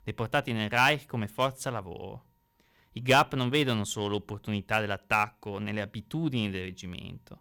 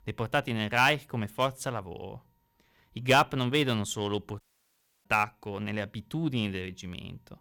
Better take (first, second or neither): first